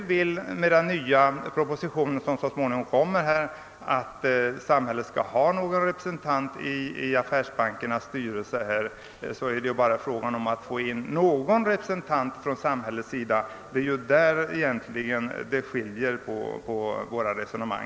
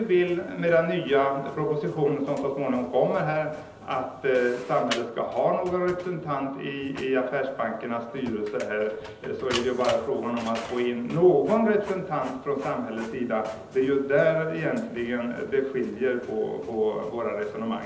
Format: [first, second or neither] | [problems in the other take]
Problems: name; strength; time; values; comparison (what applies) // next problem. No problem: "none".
first | background sound (Printer); 18 dB below the speech // room echo; dies away in 1.2 s